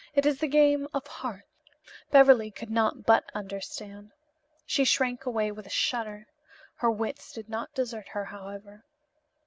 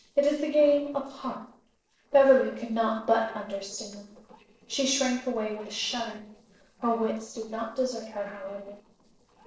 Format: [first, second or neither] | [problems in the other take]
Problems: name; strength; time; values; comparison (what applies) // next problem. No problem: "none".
first | noise reduction (neural separator model SepFormer DNS4)